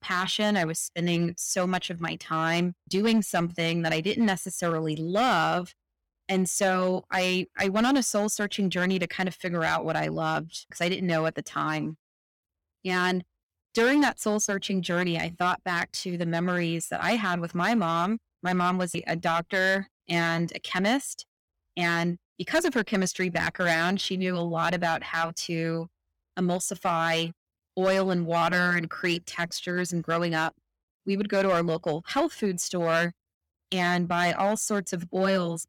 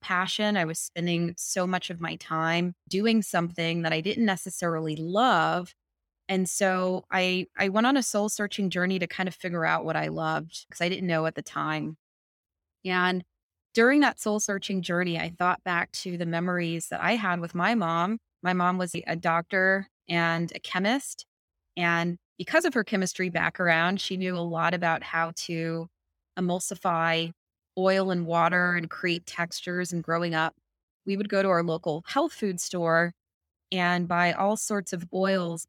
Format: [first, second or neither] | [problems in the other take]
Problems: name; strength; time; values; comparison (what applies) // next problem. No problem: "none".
second | distortion; slight; 4% of the sound clipped